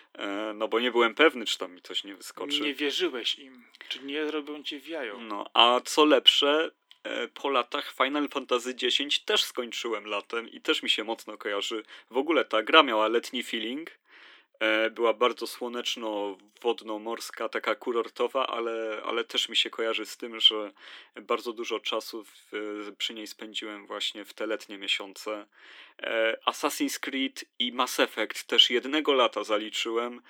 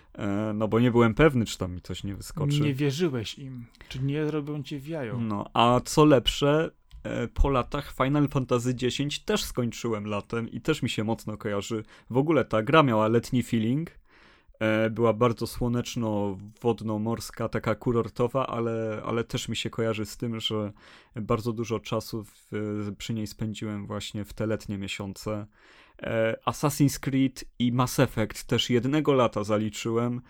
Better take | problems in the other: second | thin; somewhat; fading below 300 Hz

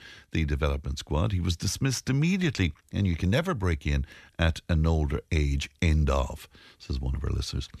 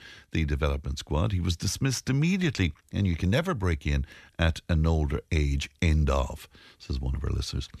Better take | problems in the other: neither | none

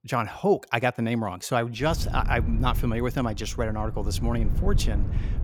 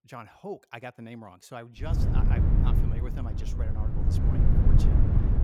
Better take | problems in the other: first | wind noise on the microphone; heavy; from 2 s on; 4 dB above the speech; occasional gusts in the first

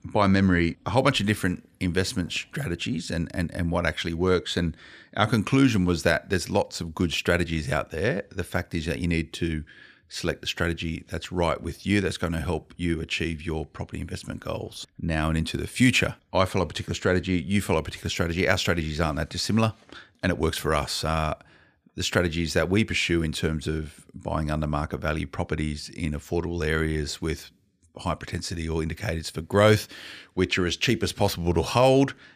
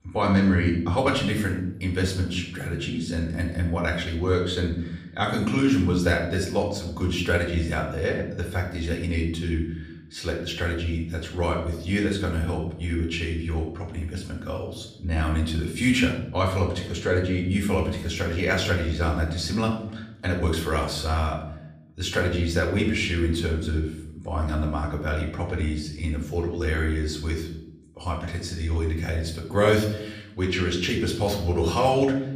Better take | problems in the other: first | off-mic speech; far // room echo; slight; dies away in 0.7 s

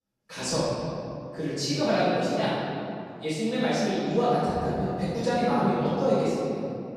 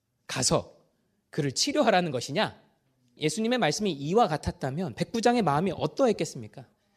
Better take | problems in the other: second | off-mic speech; far // room echo; strong; dies away in 2.6 s

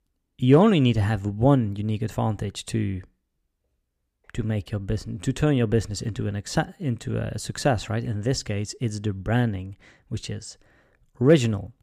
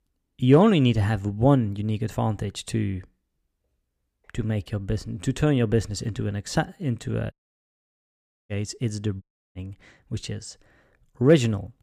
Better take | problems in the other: first | audio cutting out; at 7.5 s for 1 s and at 9 s

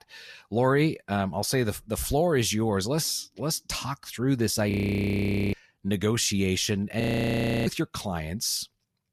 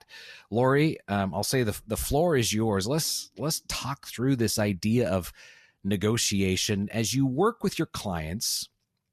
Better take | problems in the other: second | audio freezing; at 4.5 s for 1 s and at 7 s for 0.5 s

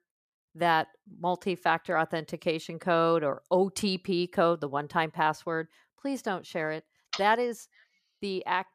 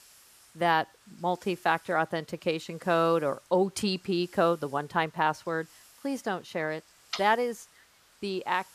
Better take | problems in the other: first | hiss; faint; throughout; 25 dB below the speech

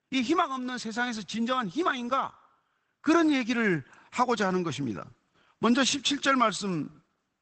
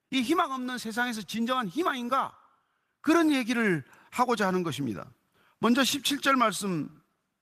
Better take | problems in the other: second | garbled, watery; badly; nothing above 8 kHz; slightly in the second

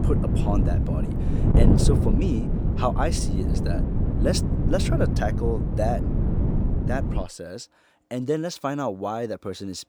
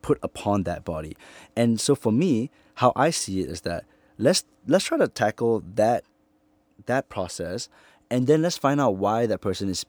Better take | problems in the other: second | wind noise on the microphone; heavy; until 7 s; 4 dB below the speech

